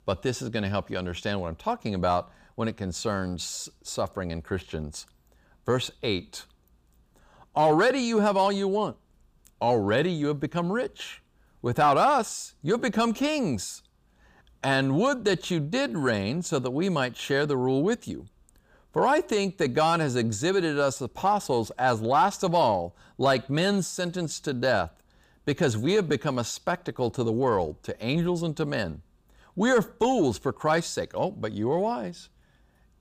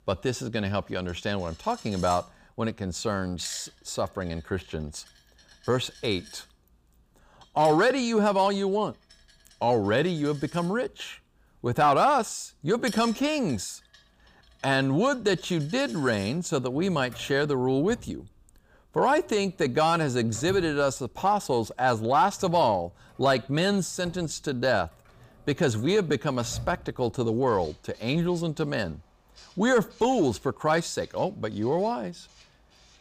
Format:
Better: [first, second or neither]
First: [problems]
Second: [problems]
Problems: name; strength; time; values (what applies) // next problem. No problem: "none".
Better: first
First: none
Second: household noises; faint; throughout; 20 dB below the speech